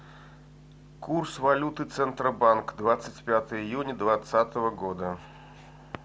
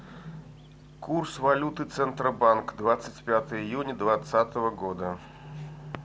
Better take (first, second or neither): first